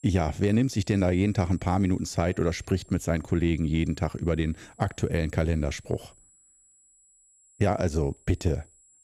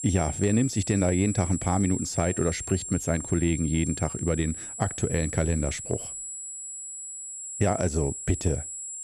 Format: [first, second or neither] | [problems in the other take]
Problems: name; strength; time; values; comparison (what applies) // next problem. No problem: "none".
first | high-pitched whine; loud; throughout; 7.5 kHz, 7 dB below the speech; faint in the first